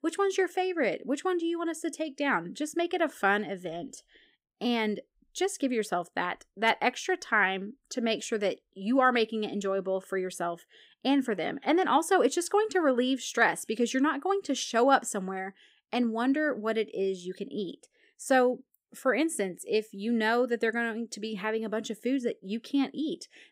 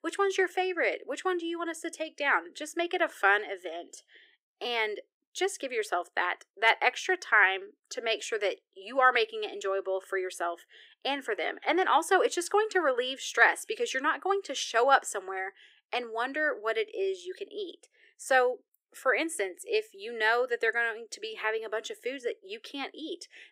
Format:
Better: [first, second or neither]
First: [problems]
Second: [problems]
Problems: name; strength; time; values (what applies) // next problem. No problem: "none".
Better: first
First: none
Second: thin; very; fading below 350 Hz